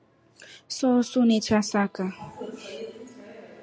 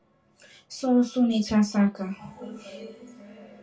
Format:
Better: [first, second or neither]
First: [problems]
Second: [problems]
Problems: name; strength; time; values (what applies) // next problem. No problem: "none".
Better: first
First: none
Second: room echo; dies away in 0.2 s